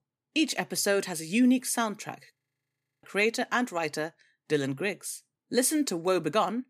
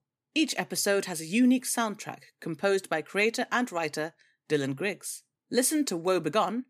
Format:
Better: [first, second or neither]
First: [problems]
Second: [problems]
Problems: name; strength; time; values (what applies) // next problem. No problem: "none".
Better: second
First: audio freezing; at 2.5 s for 0.5 s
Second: none